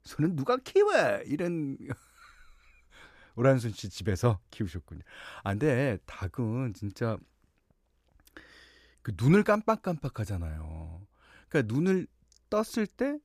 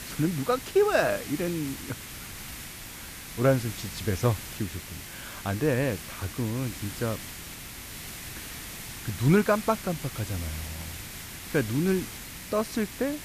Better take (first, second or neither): first